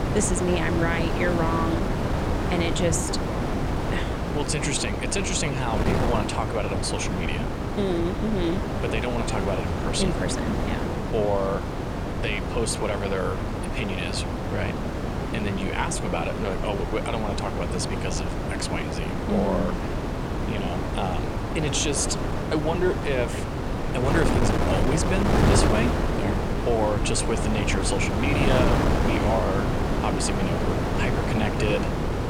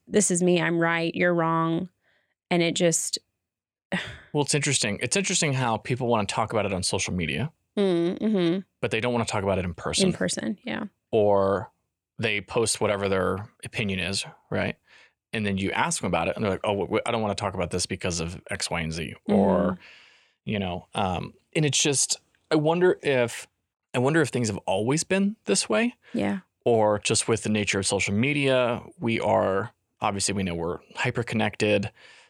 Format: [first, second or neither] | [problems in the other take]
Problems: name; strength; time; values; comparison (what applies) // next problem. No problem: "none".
second | wind noise on the microphone; heavy; 1 dB below the speech